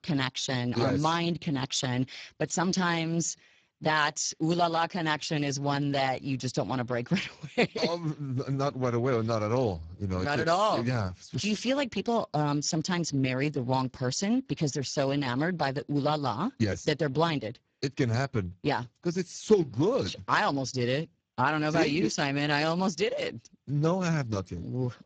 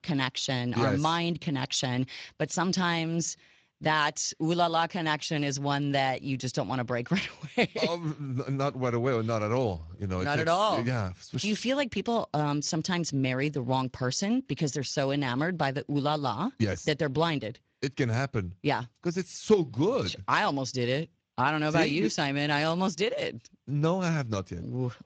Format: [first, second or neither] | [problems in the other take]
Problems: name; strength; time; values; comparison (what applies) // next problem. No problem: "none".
second | garbled, watery; badly; nothing above 7.5 kHz; slightly in the second